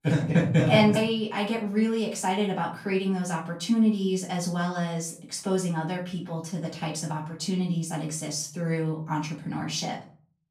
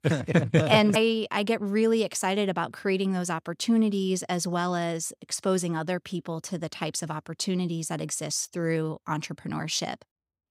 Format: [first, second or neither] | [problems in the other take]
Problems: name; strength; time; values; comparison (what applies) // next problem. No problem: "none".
second | off-mic speech; far // room echo; slight; dies away in 0.4 s